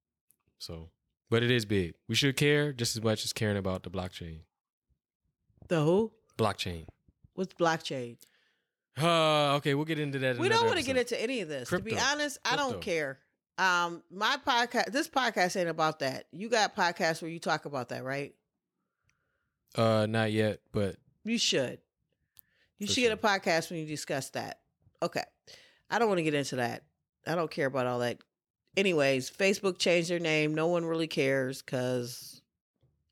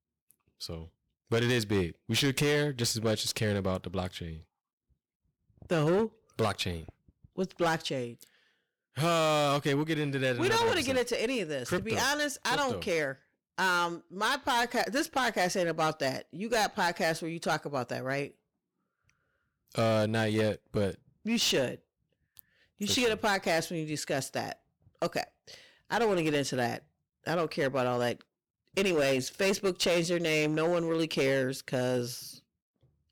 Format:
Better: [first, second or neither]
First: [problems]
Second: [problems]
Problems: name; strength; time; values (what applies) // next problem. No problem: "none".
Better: first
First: none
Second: distortion; slight; 9% of the sound clipped